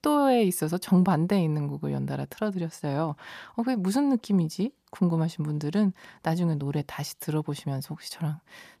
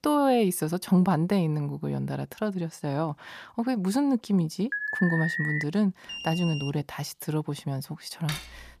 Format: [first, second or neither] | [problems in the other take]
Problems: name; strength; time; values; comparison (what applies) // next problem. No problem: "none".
first | alarm; noticeable; at 4.5 s and at 6 s; peak 1 dB below the speech // clattering dishes; noticeable; at 8.5 s; peak 8 dB below the speech